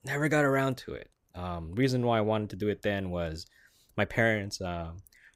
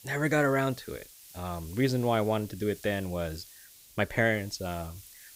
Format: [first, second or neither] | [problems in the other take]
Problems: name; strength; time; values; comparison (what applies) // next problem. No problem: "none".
first | hiss; noticeable; throughout; 20 dB below the speech